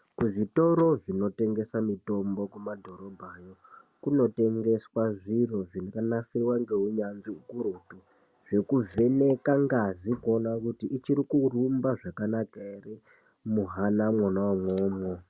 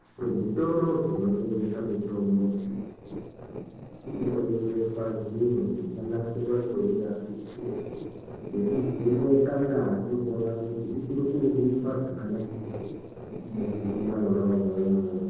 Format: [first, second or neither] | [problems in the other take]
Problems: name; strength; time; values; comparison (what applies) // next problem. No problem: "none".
first | noise reduction (neural separator model SepFormer DNS4)